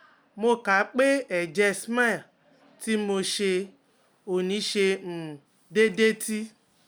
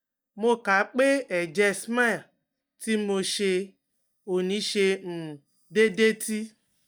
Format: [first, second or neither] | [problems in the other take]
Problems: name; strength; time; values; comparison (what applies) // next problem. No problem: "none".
first | noise reduction (neural mask model DeepFilterNet 3)